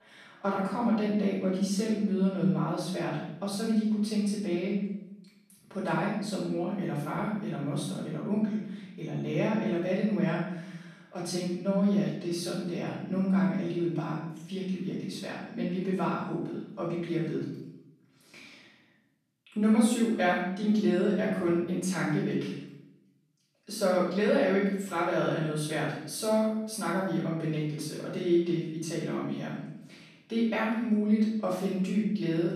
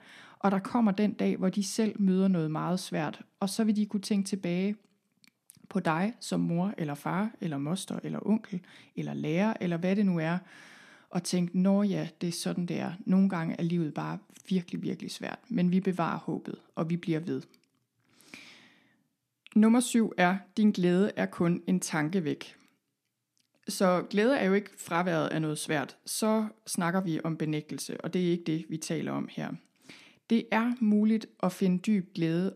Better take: second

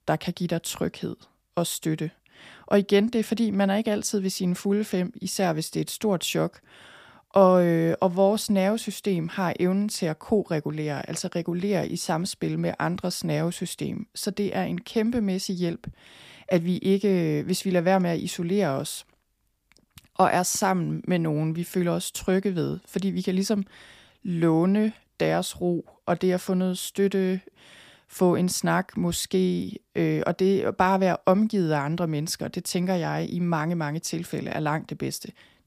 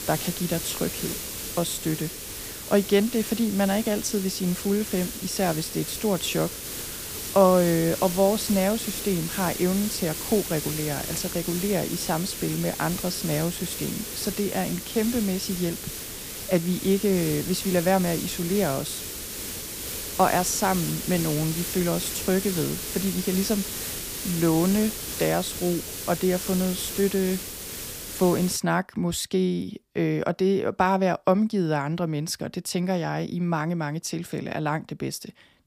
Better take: first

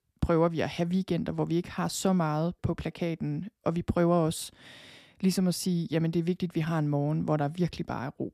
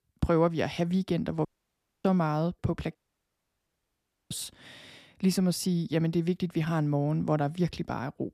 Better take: first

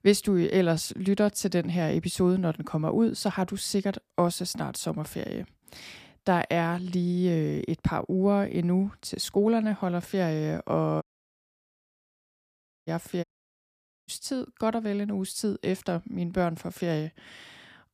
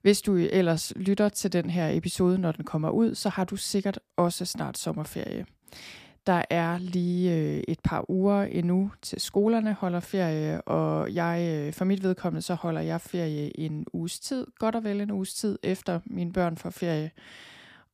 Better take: second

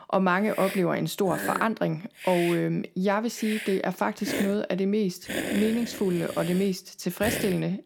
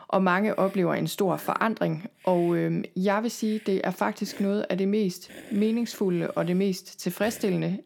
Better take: second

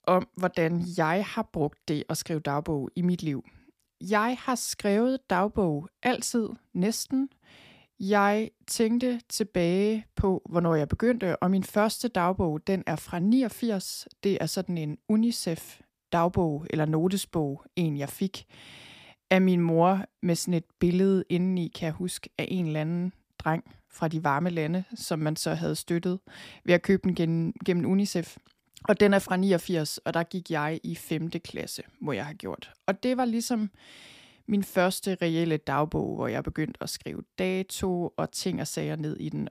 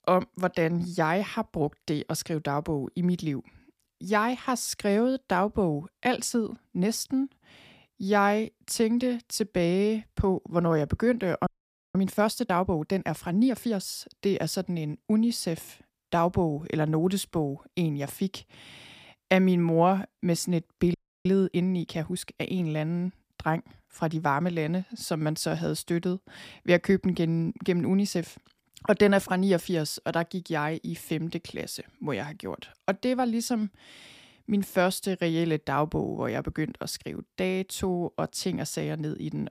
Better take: first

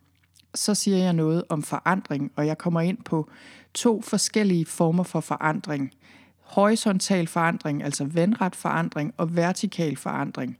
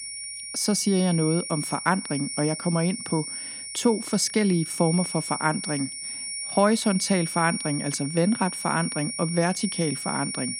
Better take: first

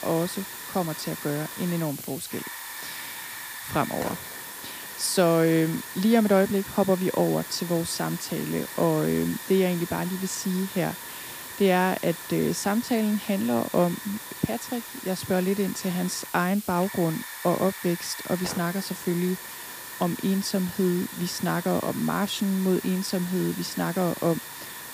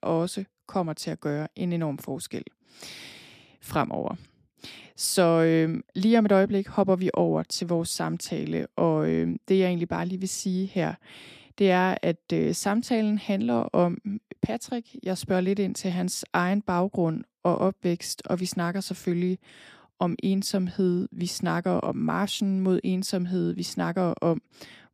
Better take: second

